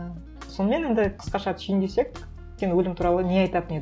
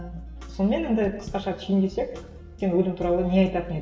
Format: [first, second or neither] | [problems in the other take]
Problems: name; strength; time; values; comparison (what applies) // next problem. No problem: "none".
first | room echo; dies away in 1.1 s